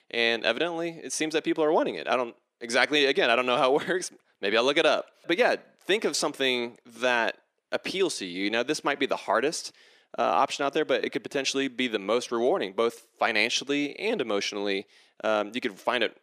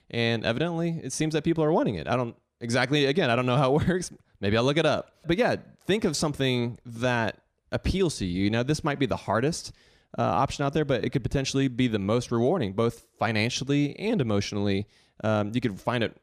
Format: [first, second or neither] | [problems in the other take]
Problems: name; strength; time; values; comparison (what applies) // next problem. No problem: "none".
second | thin; somewhat; fading below 300 Hz